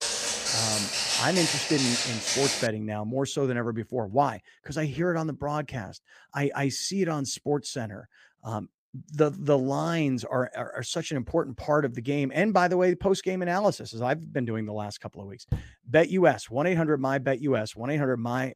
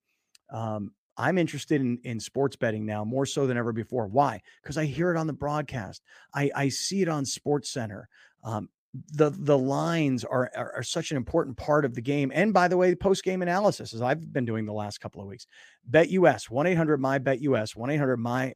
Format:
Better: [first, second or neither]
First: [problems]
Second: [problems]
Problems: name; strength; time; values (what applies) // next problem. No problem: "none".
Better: second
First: footsteps; loud; until 2.5 s; peak 3 dB above the speech // door banging; noticeable; at 16 s; peak 7 dB below the speech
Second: none